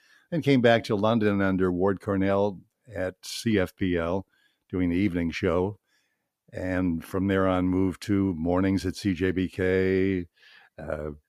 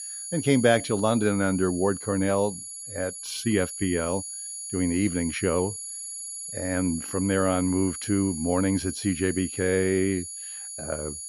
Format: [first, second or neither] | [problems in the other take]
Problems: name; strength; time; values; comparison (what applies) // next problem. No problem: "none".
first | high-pitched whine; loud; throughout; 11 kHz, 8 dB below the speech